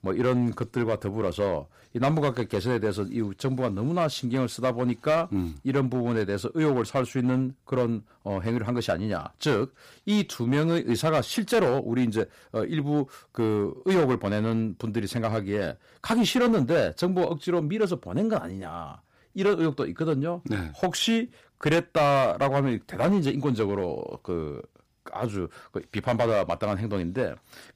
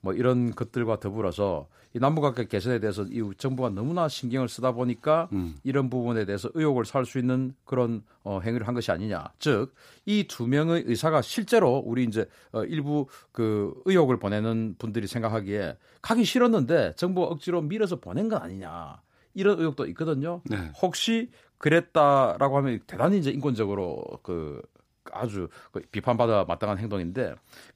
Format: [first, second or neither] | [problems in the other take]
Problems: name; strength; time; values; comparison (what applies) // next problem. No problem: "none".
second | distortion; slight; 5% of the sound clipped